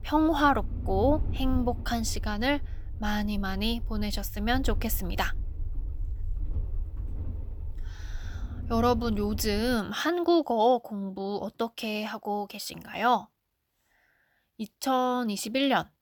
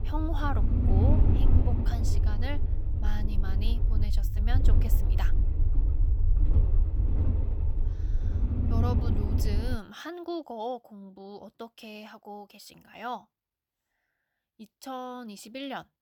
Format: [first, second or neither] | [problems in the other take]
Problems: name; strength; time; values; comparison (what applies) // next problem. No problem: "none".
first | low rumble; loud; until 10 s; 3 dB below the speech; faint in the first